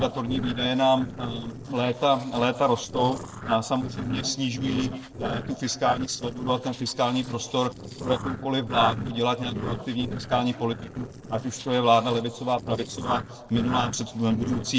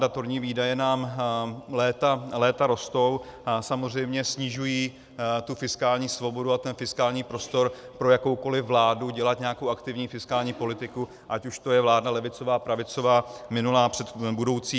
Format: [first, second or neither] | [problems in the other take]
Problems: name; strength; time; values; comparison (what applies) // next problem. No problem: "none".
second | noise reduction (neural separator model SepFormer DNS4)